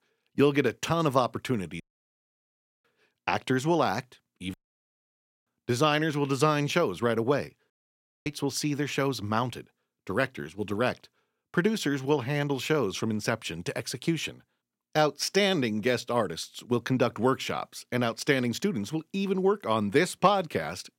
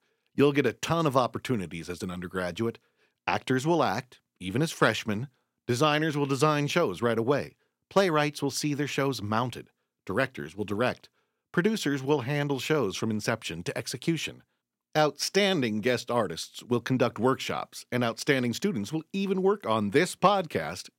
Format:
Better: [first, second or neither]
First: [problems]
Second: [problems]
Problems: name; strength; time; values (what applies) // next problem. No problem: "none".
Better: second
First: audio cutting out; at 2 s for 1 s, at 4.5 s for 1 s and at 7.5 s for 0.5 s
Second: none